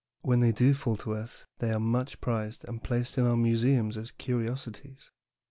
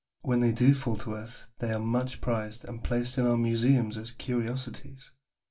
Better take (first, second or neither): first